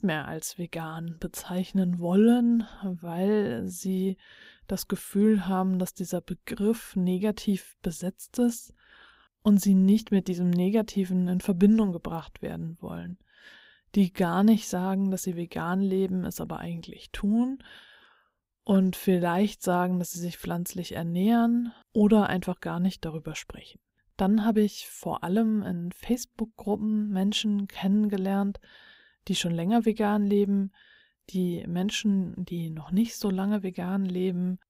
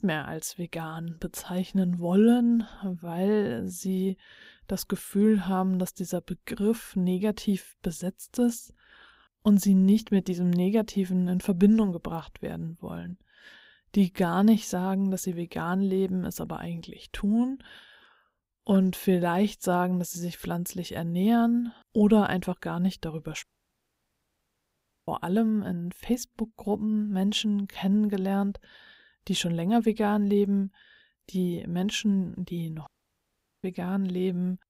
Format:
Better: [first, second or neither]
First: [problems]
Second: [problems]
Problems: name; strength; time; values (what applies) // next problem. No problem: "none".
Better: first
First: none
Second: audio cutting out; at 23 s for 1.5 s and at 33 s for 1 s